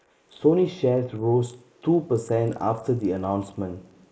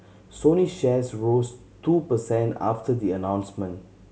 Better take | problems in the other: second | noise reduction (neural mask model Resemble Enhance denoiser)

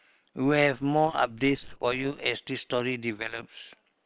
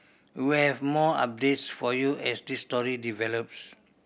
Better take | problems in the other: second | noise reduction (neural separator model SepFormer WHAM!)

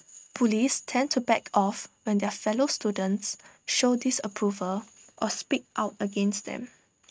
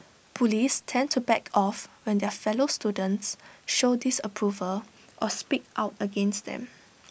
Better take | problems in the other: second | noise reduction (neural mask model RNNoise)

